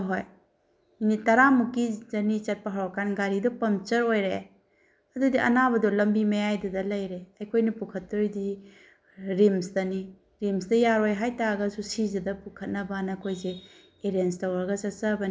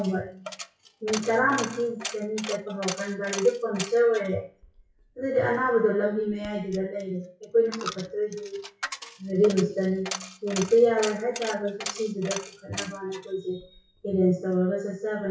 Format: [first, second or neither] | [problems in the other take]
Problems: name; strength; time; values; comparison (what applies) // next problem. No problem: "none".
first | noise reduction (classical method WPE with log-MMSE)